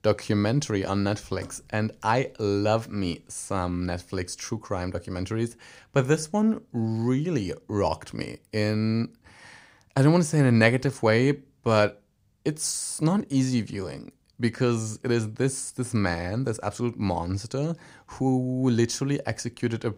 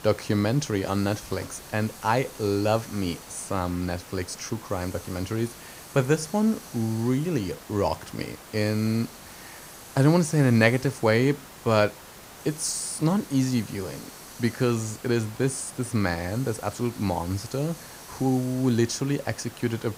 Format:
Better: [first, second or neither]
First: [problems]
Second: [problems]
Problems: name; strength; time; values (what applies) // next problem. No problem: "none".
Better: first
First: none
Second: hiss; noticeable; throughout; 15 dB below the speech